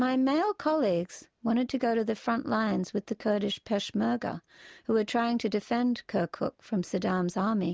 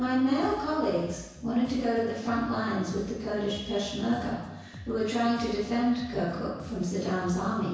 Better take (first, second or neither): first